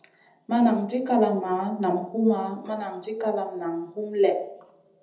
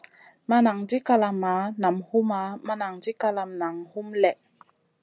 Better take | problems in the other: second | room echo; dies away in 0.9 s

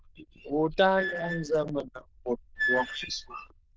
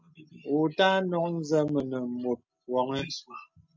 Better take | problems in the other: second | noise reduction (neural diffusion model UNIVERSE++)

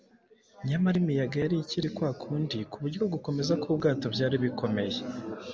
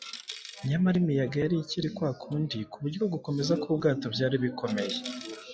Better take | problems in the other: first | noise reduction (classical method log-MMSE)

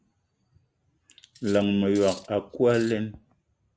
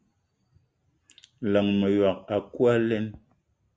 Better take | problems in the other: second | background sound (Cutlery, silverware); 20 dB below the speech

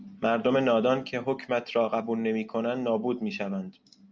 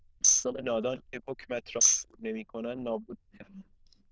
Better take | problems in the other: first | noise reduction (neural diffusion model UNIVERSE++)

